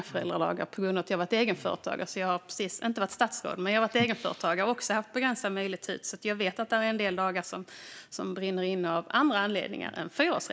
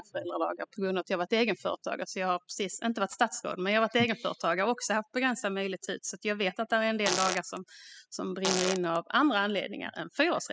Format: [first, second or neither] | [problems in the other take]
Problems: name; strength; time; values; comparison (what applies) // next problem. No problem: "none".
first | noise reduction (classical method spectral subtraction)